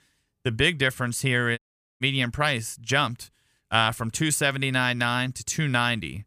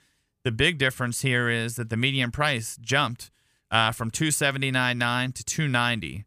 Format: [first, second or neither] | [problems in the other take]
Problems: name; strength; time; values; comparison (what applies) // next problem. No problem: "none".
second | audio cutting out; at 1.5 s